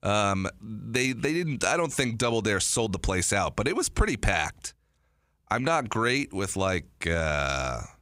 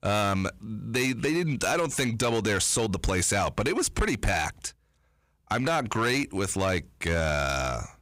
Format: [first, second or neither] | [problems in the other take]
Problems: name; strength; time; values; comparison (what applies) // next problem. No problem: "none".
first | distortion; slight; 9% of the sound clipped